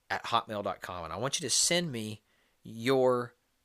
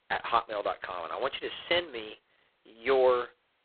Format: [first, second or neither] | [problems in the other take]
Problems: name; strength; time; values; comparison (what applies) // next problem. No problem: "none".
first | phone-call audio; poor line; nothing above 4 kHz